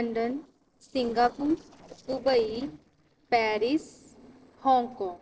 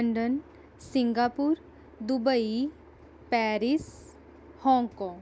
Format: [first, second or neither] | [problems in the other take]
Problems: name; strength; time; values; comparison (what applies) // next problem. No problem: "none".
second | noise reduction (neural separator model SepFormer DNS4)